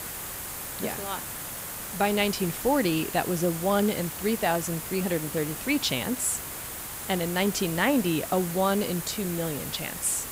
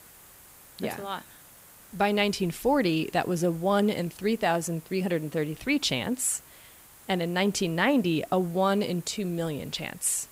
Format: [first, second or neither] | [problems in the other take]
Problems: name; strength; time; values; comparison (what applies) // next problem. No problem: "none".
second | hiss; loud; throughout; 7 dB below the speech; faint in the second